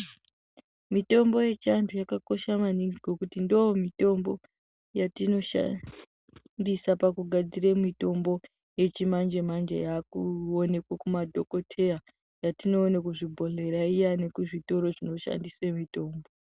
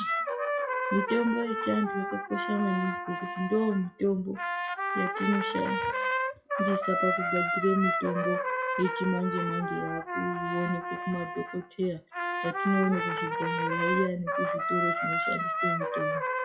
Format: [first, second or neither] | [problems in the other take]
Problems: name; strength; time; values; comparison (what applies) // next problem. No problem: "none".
first | noise reduction (classical method WPE with log-MMSE)